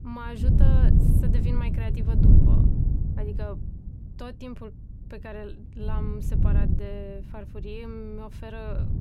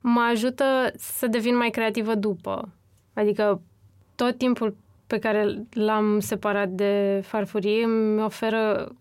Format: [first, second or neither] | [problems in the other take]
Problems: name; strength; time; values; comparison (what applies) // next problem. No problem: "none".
second | wind noise on the microphone; heavy; 4 dB above the speech